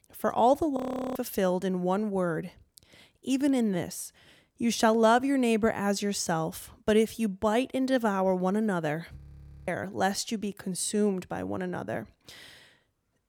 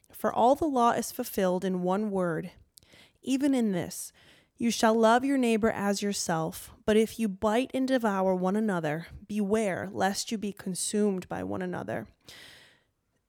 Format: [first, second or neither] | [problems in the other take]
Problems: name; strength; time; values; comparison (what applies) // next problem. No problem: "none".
second | audio freezing; at 1 s and at 9 s for 0.5 s